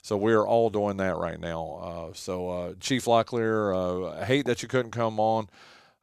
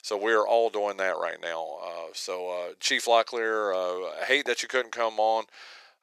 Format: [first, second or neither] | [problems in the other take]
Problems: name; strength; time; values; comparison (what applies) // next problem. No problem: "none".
first | thin; very; fading below 450 Hz